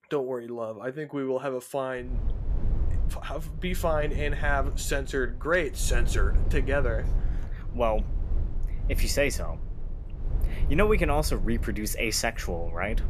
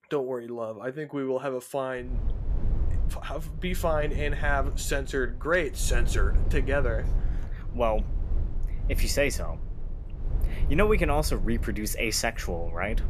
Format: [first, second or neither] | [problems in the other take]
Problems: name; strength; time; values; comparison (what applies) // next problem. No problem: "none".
neither | low rumble; noticeable; from 2 s on; 20 dB below the speech; the same in both